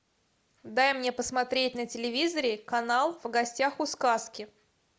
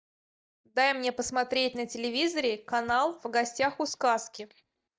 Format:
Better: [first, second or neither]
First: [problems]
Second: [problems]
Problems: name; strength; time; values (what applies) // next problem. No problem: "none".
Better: first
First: none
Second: noise reduction (neural mask model DeepFilterNet 3)